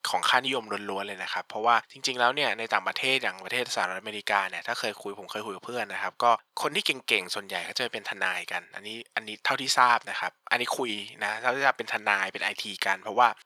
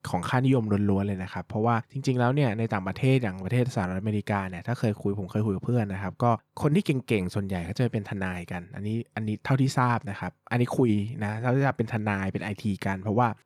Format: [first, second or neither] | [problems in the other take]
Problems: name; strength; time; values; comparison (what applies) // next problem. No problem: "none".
second | thin; very; fading below 900 Hz